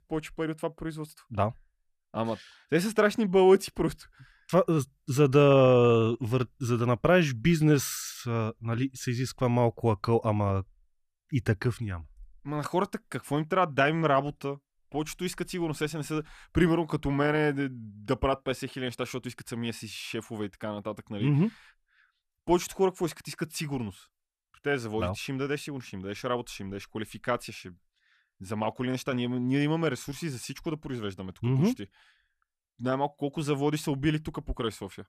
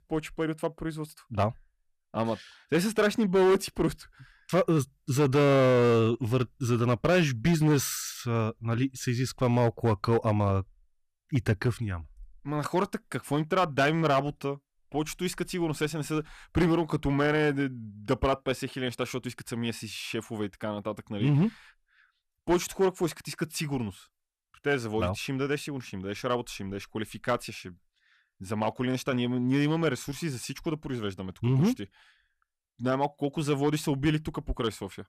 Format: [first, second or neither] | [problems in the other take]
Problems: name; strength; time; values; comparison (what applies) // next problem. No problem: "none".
first | distortion; slight; 4% of the sound clipped